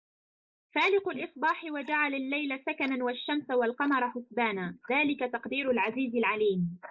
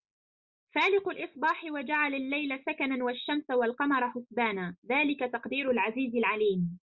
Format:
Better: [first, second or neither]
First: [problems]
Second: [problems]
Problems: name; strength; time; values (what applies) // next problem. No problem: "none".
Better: second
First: noise reduction (neural mask model Resemble Enhance denoiser)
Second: none